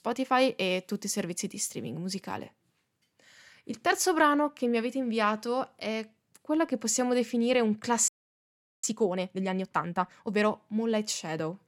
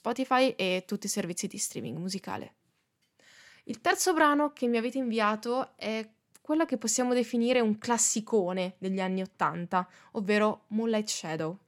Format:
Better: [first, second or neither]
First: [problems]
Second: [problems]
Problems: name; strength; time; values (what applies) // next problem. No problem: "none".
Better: second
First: audio freezing; at 8 s for 1 s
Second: none